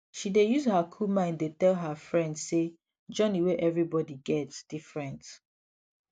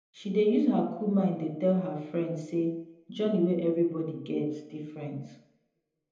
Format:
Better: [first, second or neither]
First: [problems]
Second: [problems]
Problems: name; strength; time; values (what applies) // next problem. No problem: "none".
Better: first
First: none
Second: room echo; dies away in 0.8 s